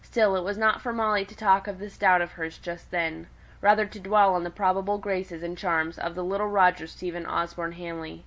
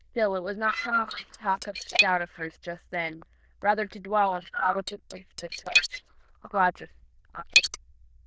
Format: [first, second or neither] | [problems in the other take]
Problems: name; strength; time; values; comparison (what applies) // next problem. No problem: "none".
first | noise reduction (neural diffusion model UNIVERSE++)